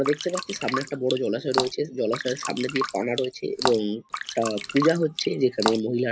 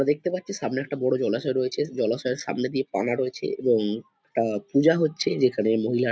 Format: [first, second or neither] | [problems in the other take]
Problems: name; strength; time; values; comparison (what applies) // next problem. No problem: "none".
second | background sound (Drip); 7 dB below the speech